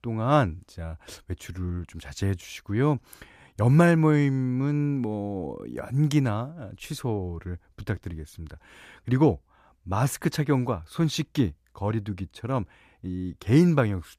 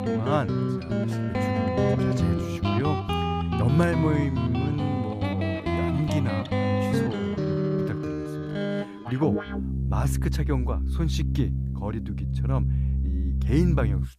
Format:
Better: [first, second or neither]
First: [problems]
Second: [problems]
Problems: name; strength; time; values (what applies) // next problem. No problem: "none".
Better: first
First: none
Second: background music; very loud; throughout; 3 dB above the speech